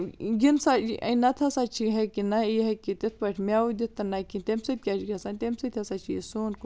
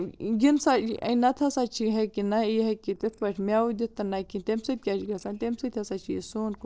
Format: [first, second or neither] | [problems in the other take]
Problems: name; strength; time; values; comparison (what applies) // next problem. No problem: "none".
first | noise reduction (neural separator model SepFormer DNS4)